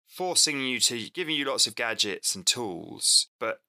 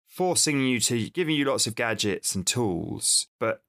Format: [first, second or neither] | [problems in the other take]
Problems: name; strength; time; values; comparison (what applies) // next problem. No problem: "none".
second | thin; very slightly; fading below 1 kHz